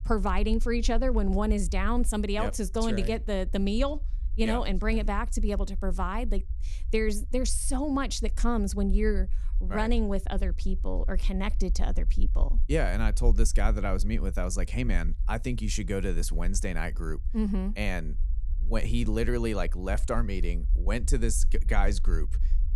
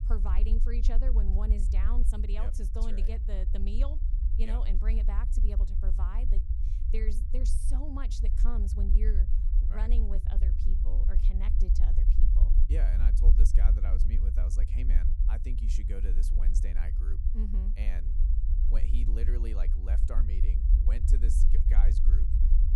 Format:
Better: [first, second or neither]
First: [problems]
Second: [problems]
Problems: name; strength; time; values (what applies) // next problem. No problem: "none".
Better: first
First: low rumble; faint; throughout; 25 dB below the speech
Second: low rumble; loud; throughout; 4 dB below the speech